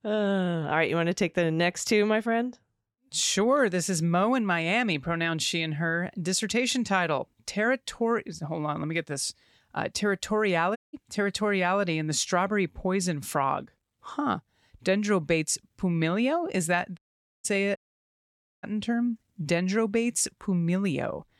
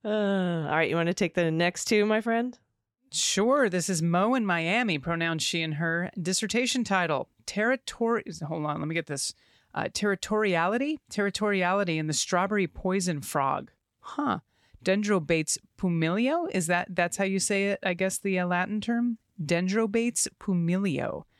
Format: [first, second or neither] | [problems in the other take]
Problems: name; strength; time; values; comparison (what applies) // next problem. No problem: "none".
second | audio cutting out; at 11 s, at 17 s and at 18 s for 1 s